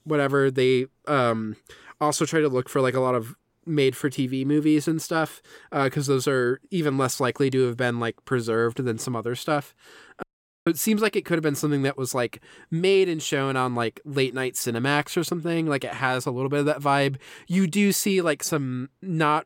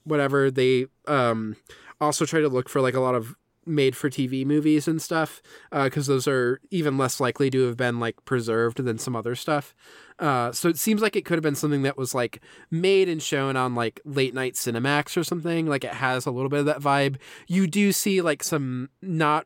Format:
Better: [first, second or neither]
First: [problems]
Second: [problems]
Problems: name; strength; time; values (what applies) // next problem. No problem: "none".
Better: second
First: audio cutting out; at 10 s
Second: none